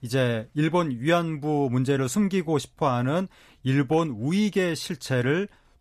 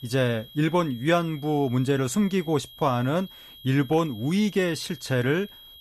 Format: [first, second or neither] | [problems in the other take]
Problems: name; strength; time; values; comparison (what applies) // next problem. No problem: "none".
first | high-pitched whine; noticeable; throughout; 3.5 kHz, 20 dB below the speech